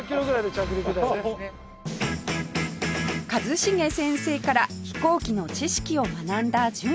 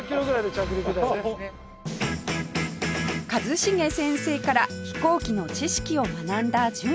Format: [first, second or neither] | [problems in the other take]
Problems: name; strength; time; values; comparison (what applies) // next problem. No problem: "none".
first | background sound (Wind instrument, woodwind instrument); 18 dB below the speech